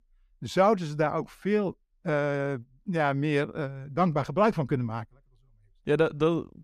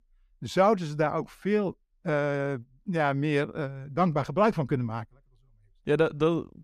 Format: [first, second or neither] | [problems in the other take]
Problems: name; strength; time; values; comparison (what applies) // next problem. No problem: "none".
neither | none